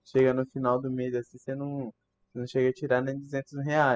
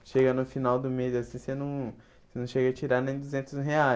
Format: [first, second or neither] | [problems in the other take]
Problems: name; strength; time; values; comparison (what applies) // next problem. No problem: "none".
second | noise reduction (classical method spectral subtraction)